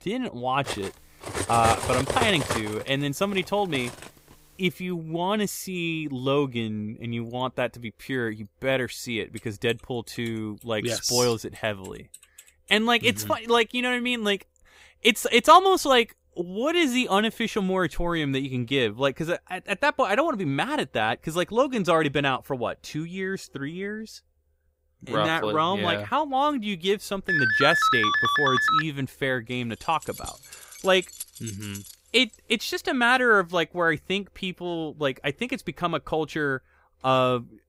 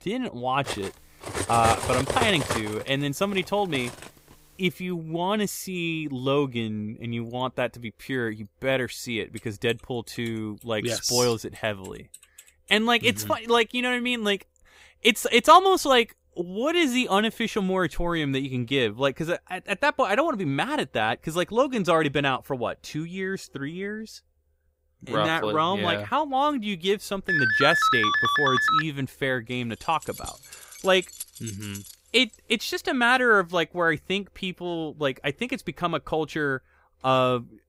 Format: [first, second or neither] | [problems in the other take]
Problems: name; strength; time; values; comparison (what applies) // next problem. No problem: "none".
neither | clattering dishes; noticeable; from 0.5 to 4 s; peak 2 dB below the speech; the same in both // phone ringing; loud; from 27 to 29 s; peak 4 dB above the speech; the same in both // jangling keys; faint; from 30 to 32 s; peak 10 dB below the speech; the same in both